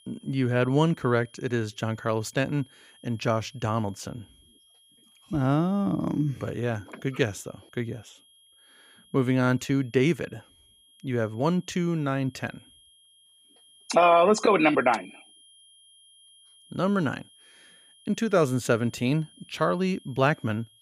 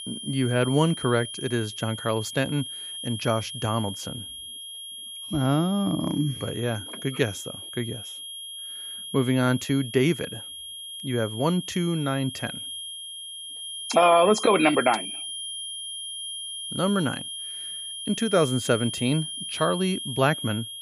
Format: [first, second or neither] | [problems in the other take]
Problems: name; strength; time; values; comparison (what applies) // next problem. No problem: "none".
first | high-pitched whine; loud; throughout; 3 kHz, 8 dB below the speech; faint in the first